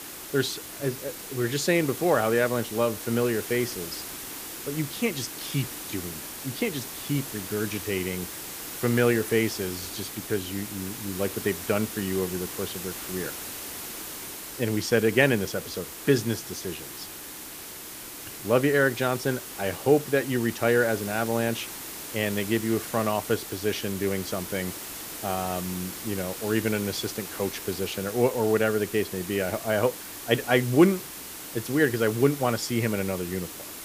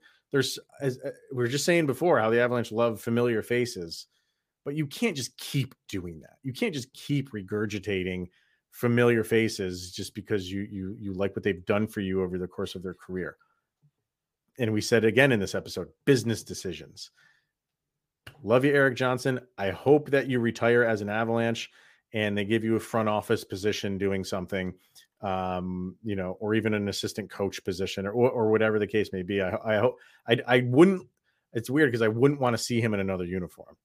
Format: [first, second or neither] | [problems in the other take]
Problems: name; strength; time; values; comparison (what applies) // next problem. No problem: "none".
second | hiss; loud; throughout; 9 dB below the speech